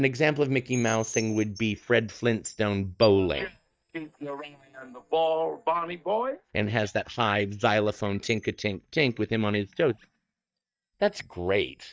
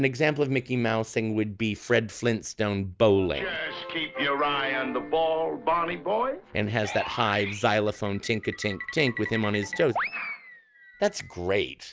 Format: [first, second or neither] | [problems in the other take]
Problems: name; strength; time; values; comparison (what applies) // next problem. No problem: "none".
second | noise reduction (neural mask model DeepFilterNet 3)